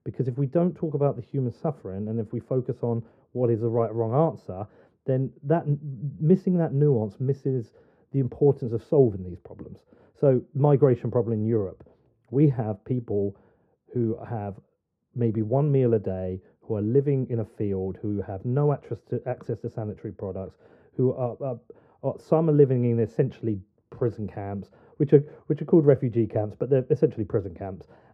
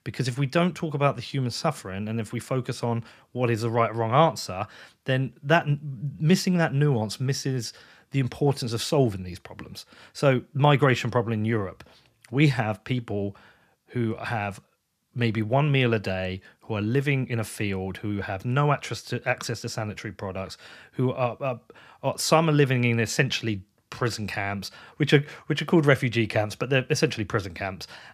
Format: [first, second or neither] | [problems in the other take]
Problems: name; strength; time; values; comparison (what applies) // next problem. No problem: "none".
second | muffled; very; fading above 1.5 kHz